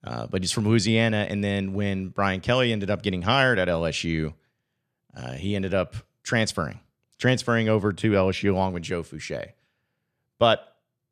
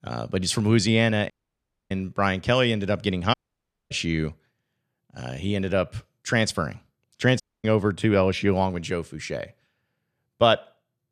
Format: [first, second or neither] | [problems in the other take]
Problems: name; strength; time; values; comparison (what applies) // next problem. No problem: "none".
first | audio cutting out; at 1.5 s for 0.5 s, at 3.5 s for 0.5 s and at 7.5 s